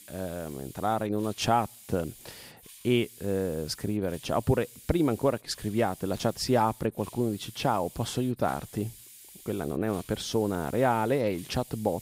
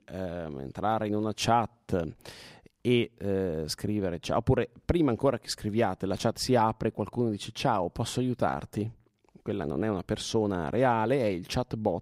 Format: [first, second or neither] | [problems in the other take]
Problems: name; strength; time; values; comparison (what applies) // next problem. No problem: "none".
second | hiss; noticeable; throughout; 20 dB below the speech